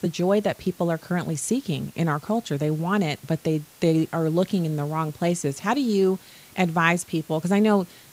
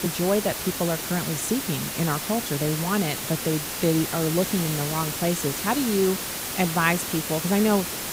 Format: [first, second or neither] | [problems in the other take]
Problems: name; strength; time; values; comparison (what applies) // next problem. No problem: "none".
first | hiss; loud; throughout; 3 dB below the speech; faint in the first